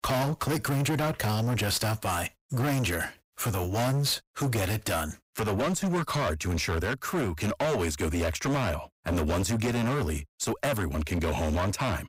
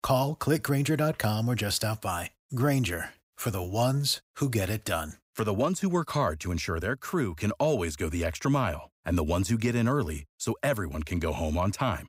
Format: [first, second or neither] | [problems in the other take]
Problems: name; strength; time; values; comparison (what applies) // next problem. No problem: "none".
second | distortion; heavy; 26% of the sound clipped